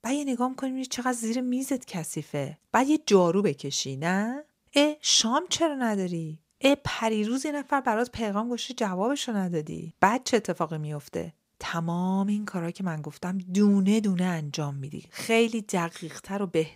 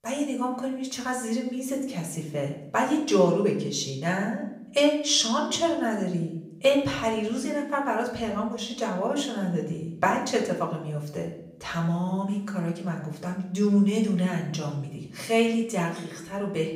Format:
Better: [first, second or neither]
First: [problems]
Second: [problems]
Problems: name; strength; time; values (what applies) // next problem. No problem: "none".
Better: first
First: none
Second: off-mic speech; far // room echo; slight; dies away in 0.6 s